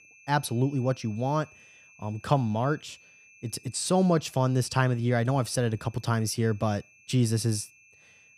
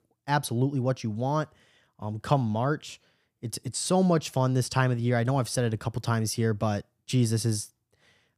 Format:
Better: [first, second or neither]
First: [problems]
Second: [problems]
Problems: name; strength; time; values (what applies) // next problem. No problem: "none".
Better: second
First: high-pitched whine; faint; throughout; 2.5 kHz, 25 dB below the speech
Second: none